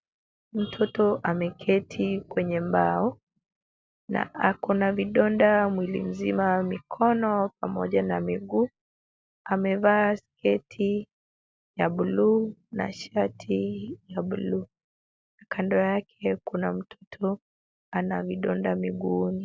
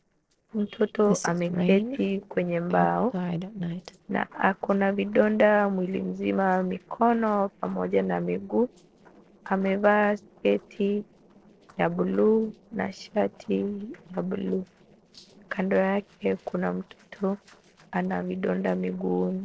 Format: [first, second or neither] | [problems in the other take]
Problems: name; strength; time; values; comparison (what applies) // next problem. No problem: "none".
first | noise reduction (neural separator model SepFormer DNS4)